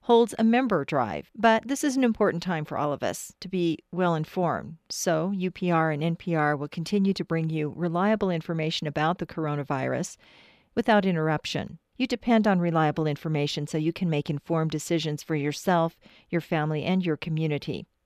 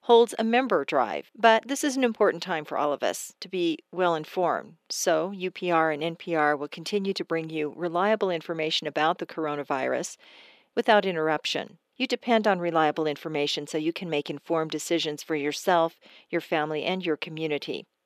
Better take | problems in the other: first | thin; somewhat; fading below 400 Hz

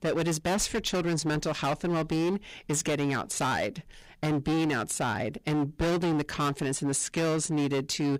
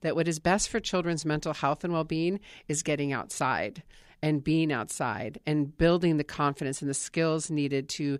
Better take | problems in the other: second | distortion; heavy; 22% of the sound clipped

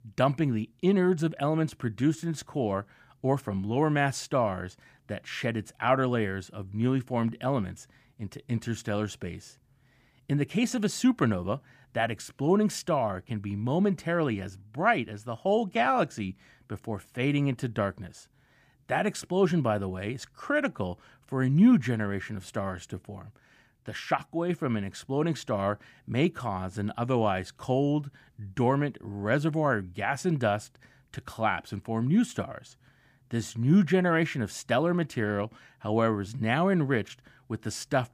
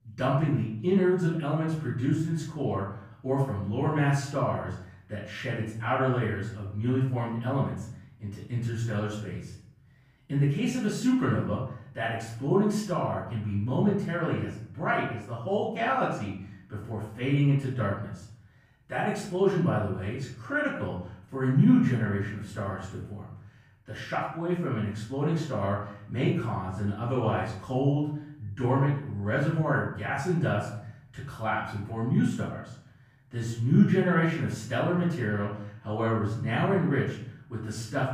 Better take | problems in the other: first | off-mic speech; far // room echo; noticeable; dies away in 0.6 s

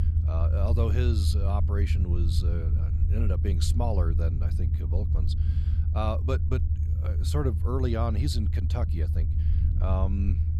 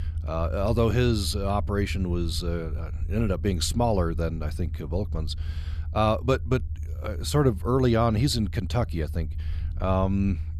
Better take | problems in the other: second | low rumble; loud; throughout; 7 dB below the speech; faint in the second

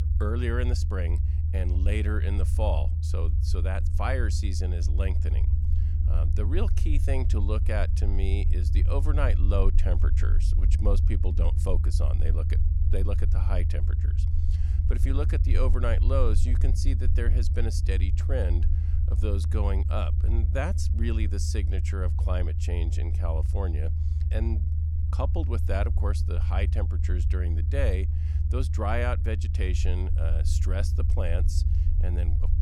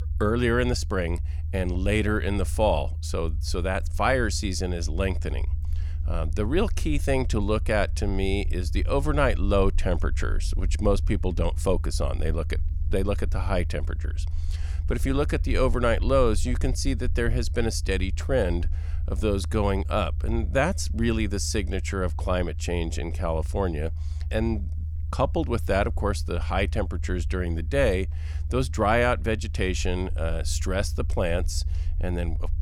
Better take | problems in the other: second | low rumble; loud; throughout; 7 dB below the speech; faint in the second

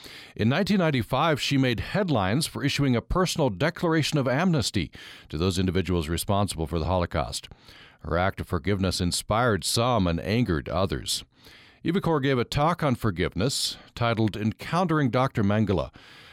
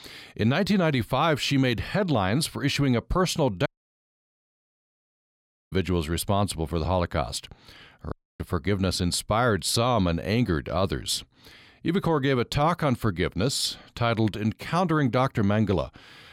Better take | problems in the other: first | audio cutting out; at 3.5 s for 2 s and at 8 s

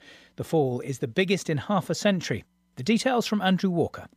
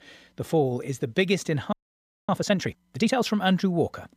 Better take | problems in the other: first | audio freezing; at 1.5 s for 0.5 s

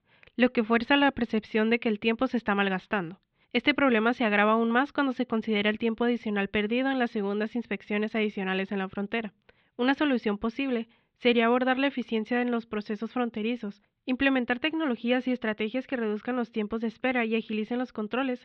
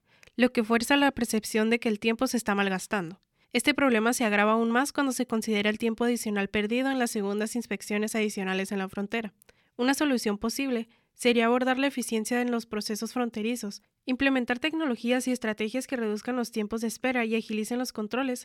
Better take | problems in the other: second | muffled; very; fading above 3.5 kHz

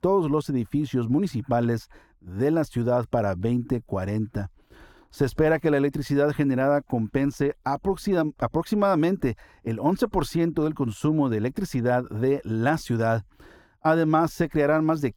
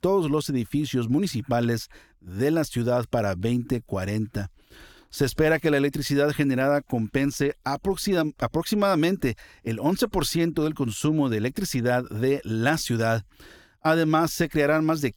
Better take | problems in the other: second | muffled; slightly; fading above 2 kHz

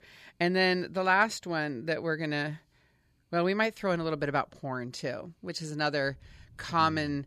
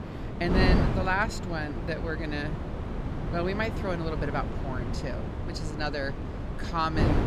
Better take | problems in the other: first | wind noise on the microphone; heavy; 6 dB below the speech

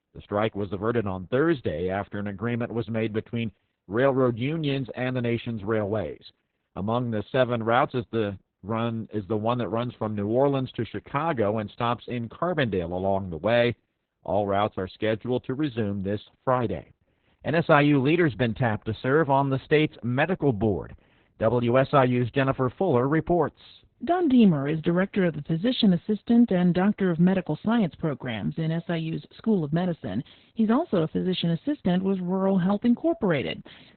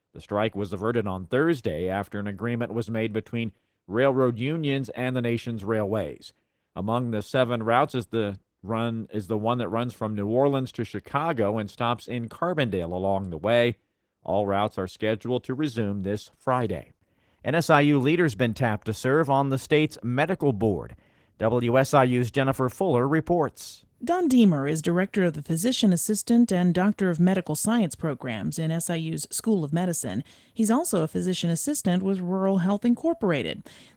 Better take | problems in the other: second | garbled, watery; badly; nothing above 4 kHz; slightly in the second

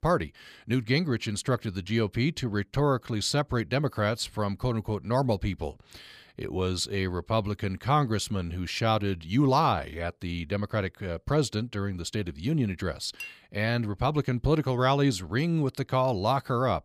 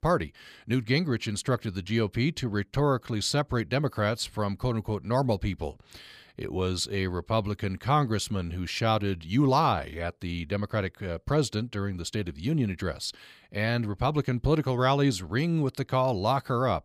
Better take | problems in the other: second | clattering dishes; faint; at 13 s; peak 15 dB below the speech

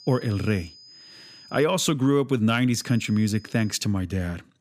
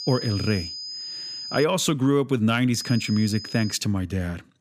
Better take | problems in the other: first | high-pitched whine; loud; until 1.5 s and from 2.5 to 4 s; 5 kHz, 10 dB below the speech; faint in the first

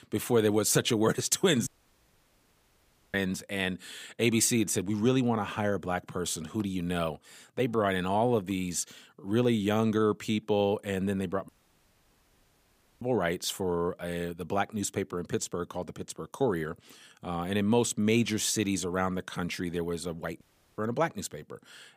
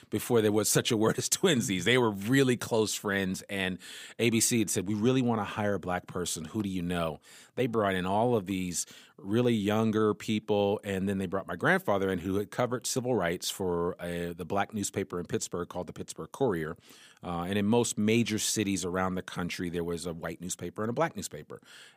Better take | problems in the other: second | audio cutting out; at 1.5 s for 1.5 s, at 11 s for 1.5 s and at 20 s

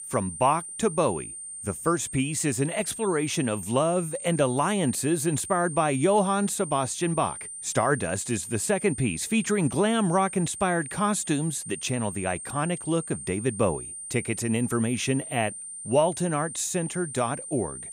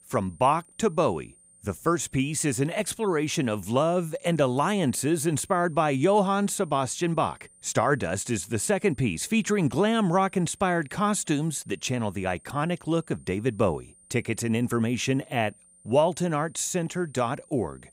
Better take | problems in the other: second | high-pitched whine; loud; throughout; 9 kHz, 9 dB below the speech; faint in the second

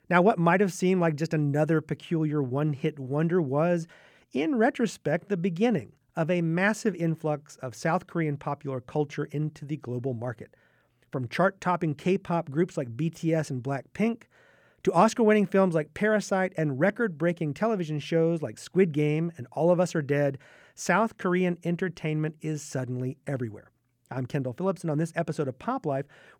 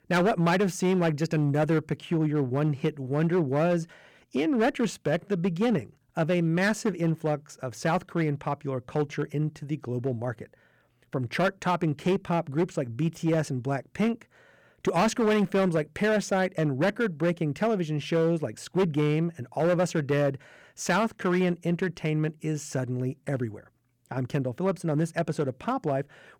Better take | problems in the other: first | distortion; slight; 7% of the sound clipped

